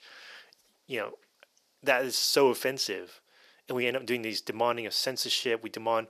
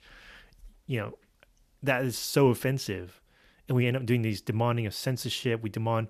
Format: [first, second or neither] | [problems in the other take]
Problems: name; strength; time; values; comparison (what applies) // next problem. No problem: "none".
second | thin; somewhat; fading below 450 Hz